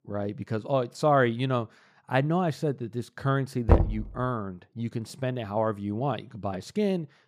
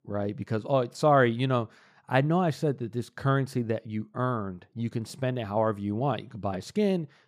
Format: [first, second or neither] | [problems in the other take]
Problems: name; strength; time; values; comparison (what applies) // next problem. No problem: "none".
second | door banging; loud; at 3.5 s; peak 5 dB above the speech